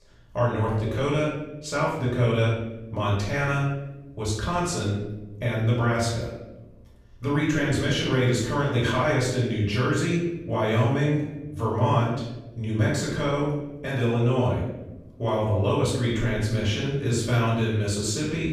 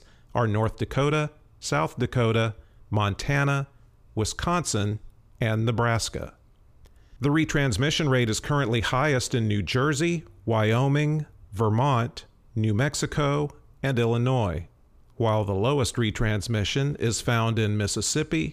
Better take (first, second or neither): second